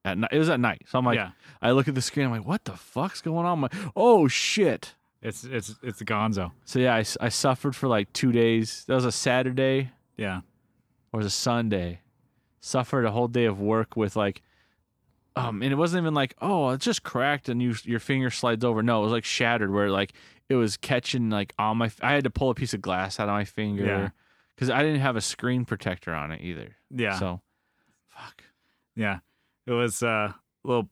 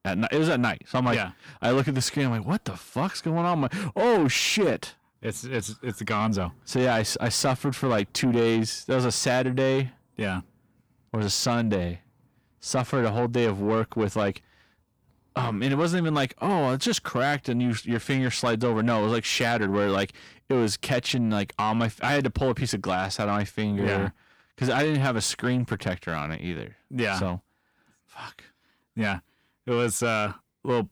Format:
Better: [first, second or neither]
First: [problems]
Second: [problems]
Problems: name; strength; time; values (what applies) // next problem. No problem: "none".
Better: first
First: none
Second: distortion; slight; 10 dB below the speech